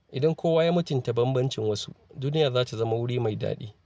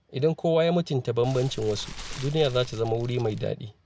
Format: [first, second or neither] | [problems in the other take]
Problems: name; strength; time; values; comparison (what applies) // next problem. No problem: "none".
first | background sound (Fire); 13 dB below the speech